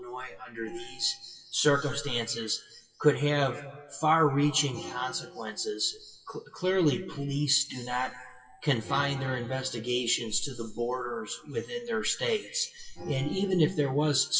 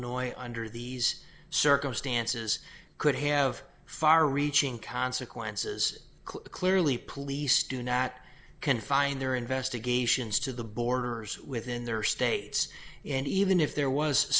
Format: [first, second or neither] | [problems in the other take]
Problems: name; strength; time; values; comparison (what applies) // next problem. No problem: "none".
second | noise reduction (classical method WPE with log-MMSE)